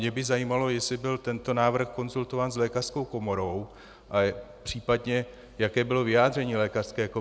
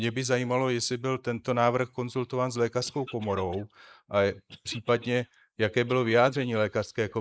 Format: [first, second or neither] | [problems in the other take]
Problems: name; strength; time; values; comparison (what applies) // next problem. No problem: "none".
first | noise reduction (neural mask model Resemble Enhance denoiser)